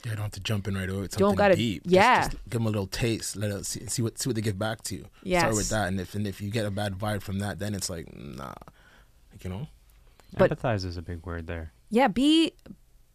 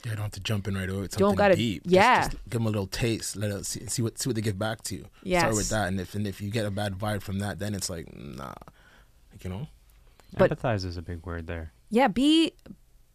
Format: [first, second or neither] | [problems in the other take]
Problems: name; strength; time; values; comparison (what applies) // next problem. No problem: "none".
neither | none